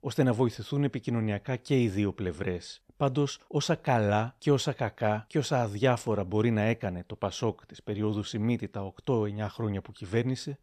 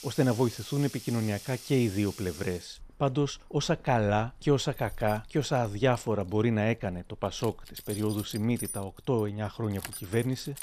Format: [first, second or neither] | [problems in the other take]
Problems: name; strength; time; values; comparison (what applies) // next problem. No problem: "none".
first | household noises; noticeable; throughout; 15 dB below the speech